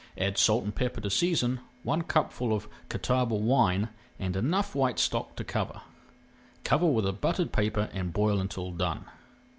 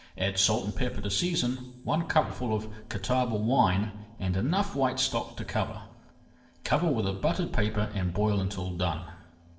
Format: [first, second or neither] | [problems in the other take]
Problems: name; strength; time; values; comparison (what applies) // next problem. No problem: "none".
first | noise reduction (neural separator model SepFormer DNS4)